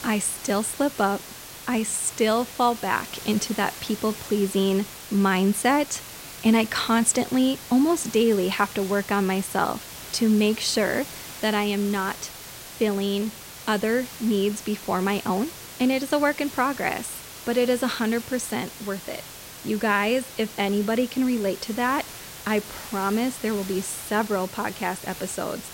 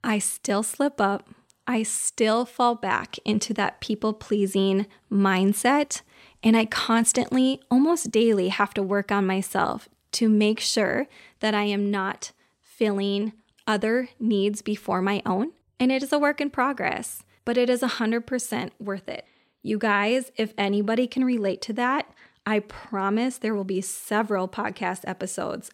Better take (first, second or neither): second